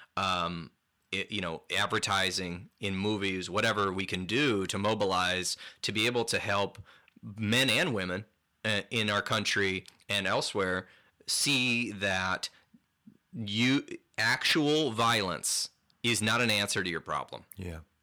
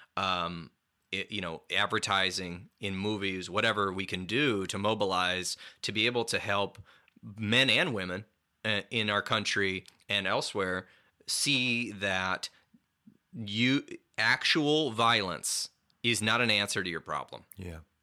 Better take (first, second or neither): second